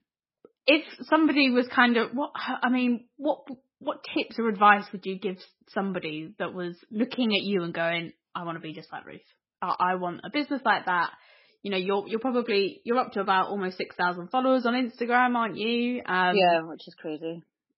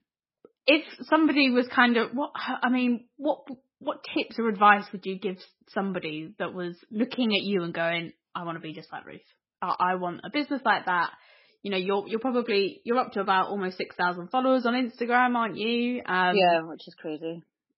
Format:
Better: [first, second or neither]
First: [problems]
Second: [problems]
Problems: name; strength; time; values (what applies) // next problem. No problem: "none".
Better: neither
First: garbled, watery; badly; nothing above 5 kHz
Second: garbled, watery; badly; nothing above 5 kHz